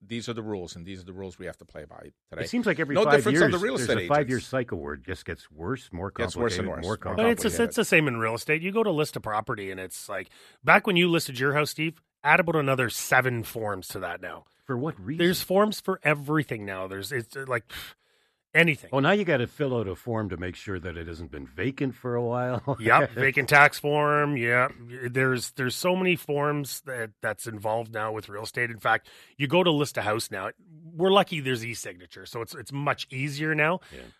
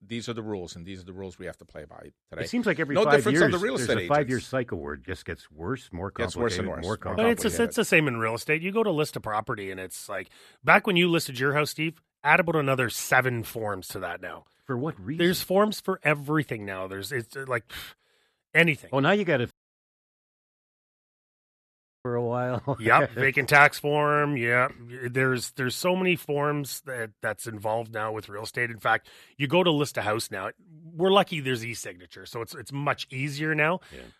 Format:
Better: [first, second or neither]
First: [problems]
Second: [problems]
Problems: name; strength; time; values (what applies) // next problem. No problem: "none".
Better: first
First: none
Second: audio cutting out; at 20 s for 2.5 s